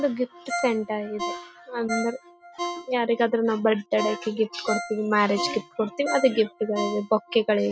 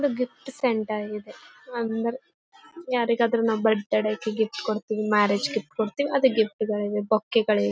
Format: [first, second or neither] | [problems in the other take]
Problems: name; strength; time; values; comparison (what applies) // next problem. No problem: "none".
second | background sound (Ringtone); 10 dB below the speech